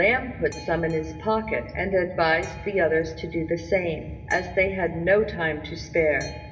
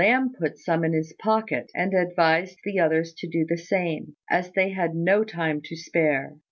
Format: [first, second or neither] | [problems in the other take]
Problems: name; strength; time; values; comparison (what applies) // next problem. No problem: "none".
second | background sound (Boat, Water vehicle); 14 dB below the speech // room echo; dies away in 2.7 s